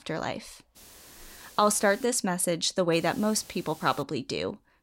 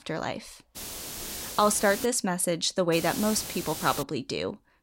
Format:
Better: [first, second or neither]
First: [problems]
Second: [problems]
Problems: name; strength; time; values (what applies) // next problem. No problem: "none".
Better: first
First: hiss; faint; from 1 to 2 s and from 3 to 4 s; 20 dB below the speech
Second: hiss; loud; from 1 to 2 s and from 3 to 4 s; 9 dB below the speech